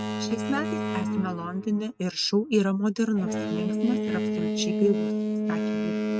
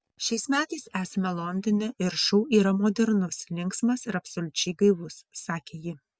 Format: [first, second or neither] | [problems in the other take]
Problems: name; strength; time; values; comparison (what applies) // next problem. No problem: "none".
second | noise reduction (neural mask model RNNoise)